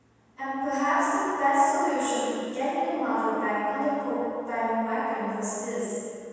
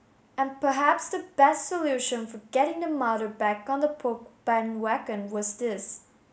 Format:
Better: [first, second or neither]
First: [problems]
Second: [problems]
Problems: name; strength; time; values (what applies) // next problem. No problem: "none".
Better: second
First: room echo; dies away in 2.1 s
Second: none